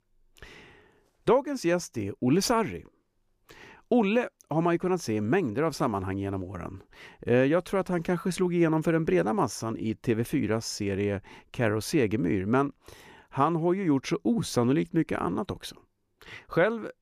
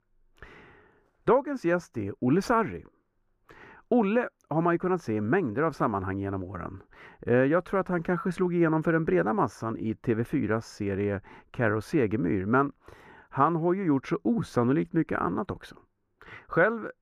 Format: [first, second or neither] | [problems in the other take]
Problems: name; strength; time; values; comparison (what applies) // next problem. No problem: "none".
first | muffled; slightly; fading above 2.5 kHz